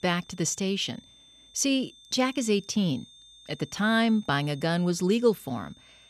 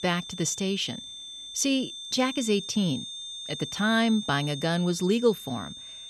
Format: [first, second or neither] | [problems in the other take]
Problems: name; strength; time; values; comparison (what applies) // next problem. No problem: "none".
first | high-pitched whine; loud; throughout; 3.5 kHz, 10 dB below the speech; faint in the first